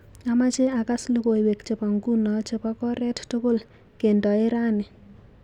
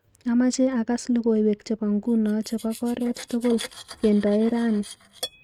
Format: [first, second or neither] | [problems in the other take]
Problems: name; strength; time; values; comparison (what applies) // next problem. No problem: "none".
first | noise reduction (neural mask model RNNoise)